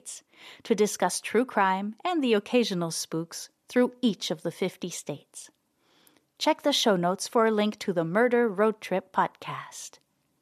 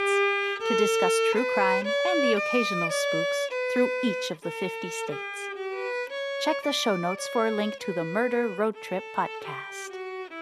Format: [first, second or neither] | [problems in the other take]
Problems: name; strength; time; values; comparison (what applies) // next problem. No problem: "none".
first | background music; very loud; throughout; 1 dB above the speech